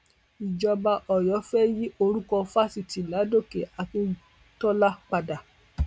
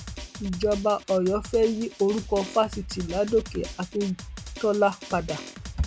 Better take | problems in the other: first | background sound (Drum); 13 dB below the speech

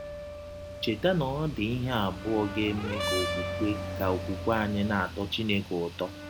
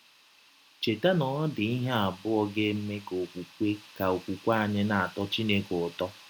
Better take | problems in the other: second | background sound (Traffic noise, roadway noise + Brass instrument); 6 dB below the speech

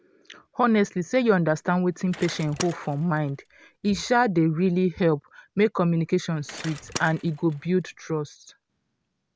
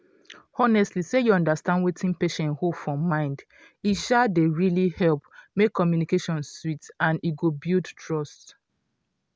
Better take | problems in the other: second | background sound (Bicycle); 16 dB below the speech

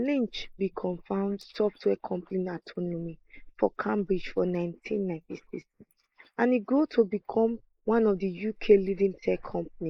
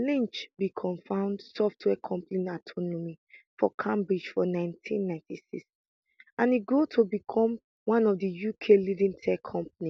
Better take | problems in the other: second | noise reduction (neural mask model Resemble Enhance denoiser)

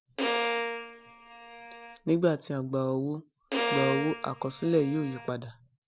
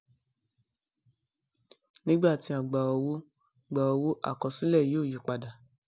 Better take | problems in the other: second | background sound (Bowed string instrument); 3 dB below the speech

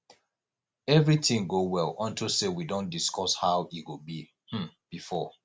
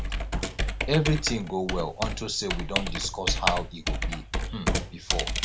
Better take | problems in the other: first | background sound (Computer keyboard); 1 dB above the speech

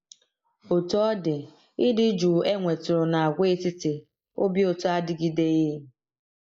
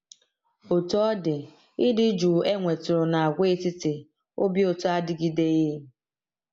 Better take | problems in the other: second | noise reduction (neural mask model Resemble Enhance denoiser)

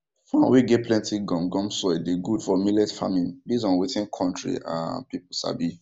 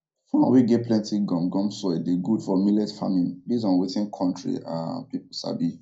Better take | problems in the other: first | room echo; dies away in 0.2 s

